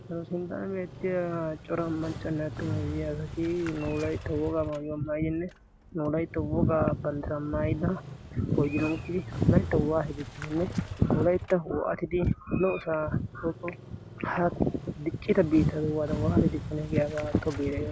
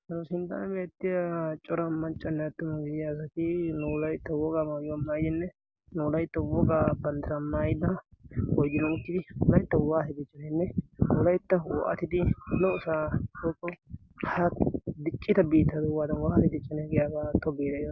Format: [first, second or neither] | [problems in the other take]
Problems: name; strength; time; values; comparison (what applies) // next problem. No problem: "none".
second | background sound (Motorcycle); 11 dB below the speech